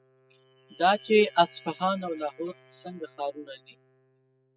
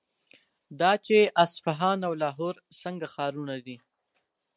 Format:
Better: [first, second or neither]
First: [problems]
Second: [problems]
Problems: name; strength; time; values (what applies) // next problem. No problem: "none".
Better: second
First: noise reduction (classical method spectral subtraction)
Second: none